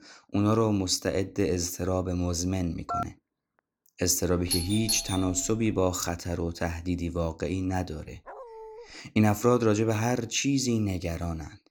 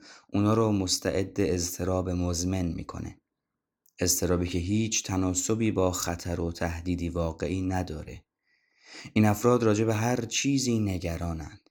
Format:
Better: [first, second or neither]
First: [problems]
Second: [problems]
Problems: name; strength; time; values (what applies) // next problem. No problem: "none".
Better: second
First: phone ringing; noticeable; at 3 s; peak 6 dB below the speech // doorbell; noticeable; from 4.5 to 5.5 s; peak 2 dB below the speech // dog barking; faint; at 8.5 s; peak 15 dB below the speech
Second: none